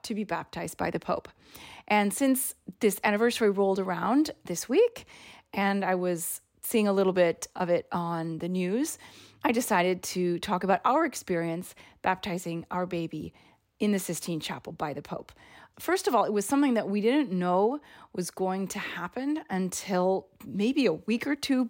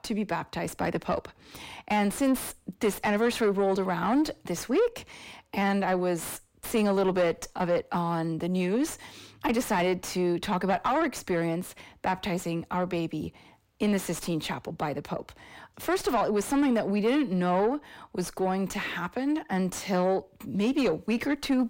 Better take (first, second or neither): first